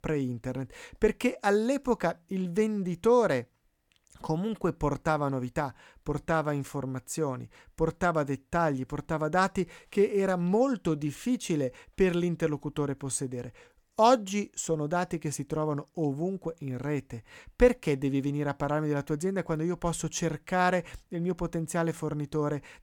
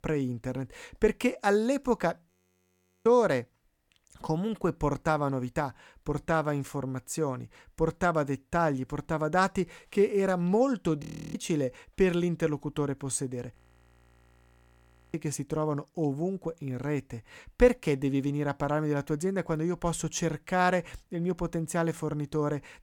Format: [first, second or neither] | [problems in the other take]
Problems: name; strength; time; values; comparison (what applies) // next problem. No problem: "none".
first | audio freezing; at 2.5 s for 1 s, at 11 s and at 14 s for 1.5 s